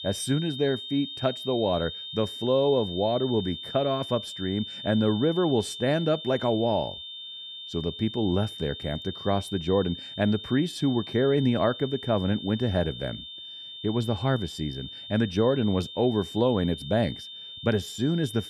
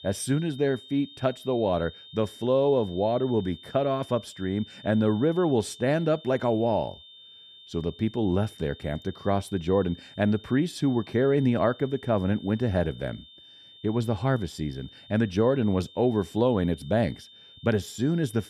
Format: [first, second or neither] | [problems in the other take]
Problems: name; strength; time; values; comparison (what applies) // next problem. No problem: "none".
second | high-pitched whine; loud; throughout; 3.5 kHz, 10 dB below the speech; faint in the second